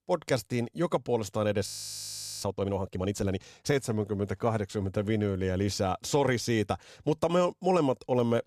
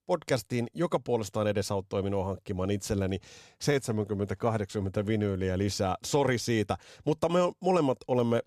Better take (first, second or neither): second